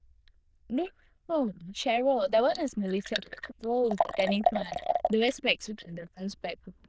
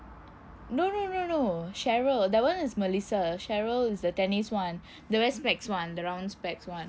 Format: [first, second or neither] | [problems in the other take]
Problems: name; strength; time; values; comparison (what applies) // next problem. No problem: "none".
second | noise reduction (neural diffusion model UNIVERSE++)